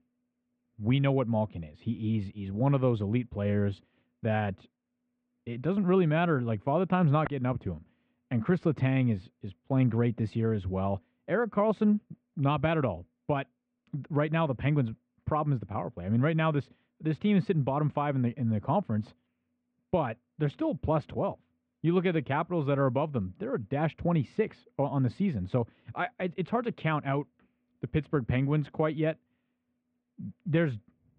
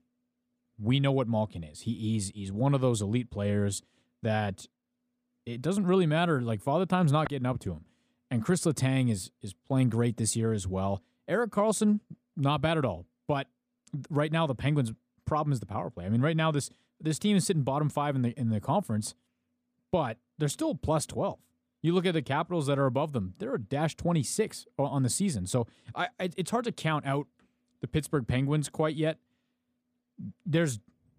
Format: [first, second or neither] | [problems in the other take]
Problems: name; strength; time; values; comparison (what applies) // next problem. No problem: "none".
second | muffled; very; fading above 2.5 kHz